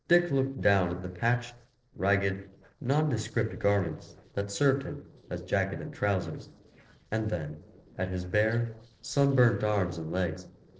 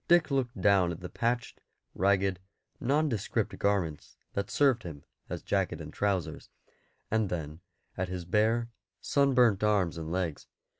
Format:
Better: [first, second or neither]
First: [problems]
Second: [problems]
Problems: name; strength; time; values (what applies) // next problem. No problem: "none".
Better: second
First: noise reduction (neural separator model SepFormer DNS4)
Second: none